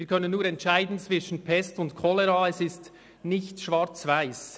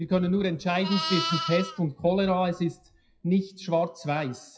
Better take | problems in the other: first | noise reduction (classical method WPE with log-MMSE)

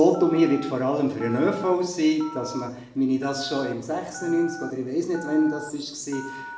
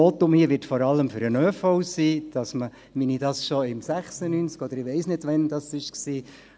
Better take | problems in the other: second | background sound (Telephone); 16 dB below the speech // room echo; dies away in 0.7 s

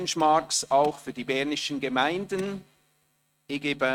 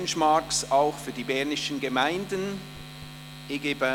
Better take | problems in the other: second | noise reduction (neural mask model RNNoise)

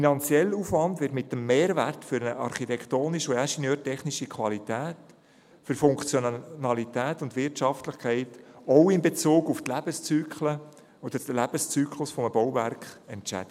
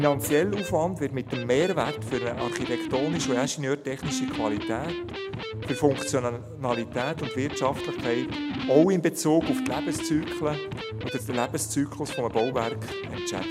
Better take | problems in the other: first | background sound (Electric guitar); 6 dB below the speech

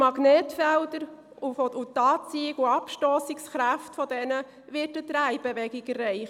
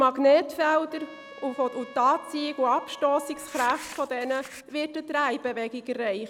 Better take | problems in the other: first | background sound (Trumpet + Crumpling, crinkling); 19 dB below the speech

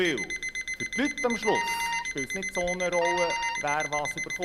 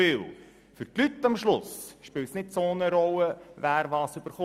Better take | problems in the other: second | background sound (Wind instrument, woodwind instrument + Alarm); 1 dB below the speech

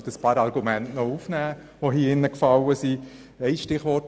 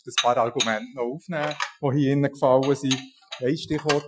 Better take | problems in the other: first | noise reduction (classical method Wiener filter)

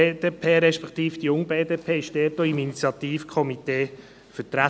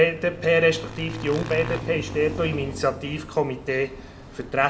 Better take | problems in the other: first | background sound (Motorcycle / Engine); 11 dB below the speech // room echo; dies away in 0.6 s

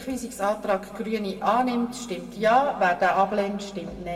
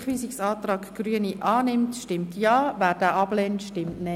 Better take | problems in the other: second | room echo; dies away in 1.6 s

